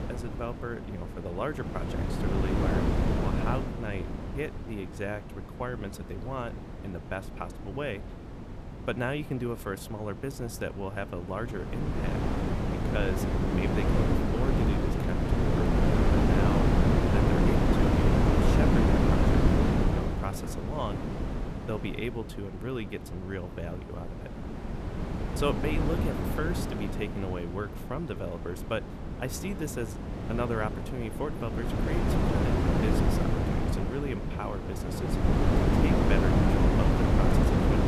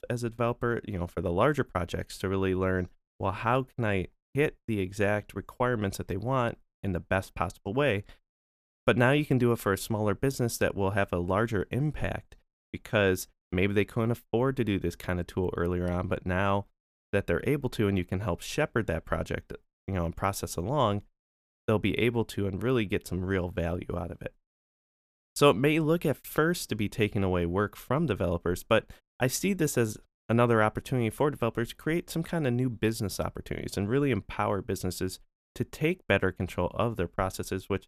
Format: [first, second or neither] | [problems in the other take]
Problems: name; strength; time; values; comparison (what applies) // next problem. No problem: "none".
second | wind noise on the microphone; heavy; 4 dB above the speech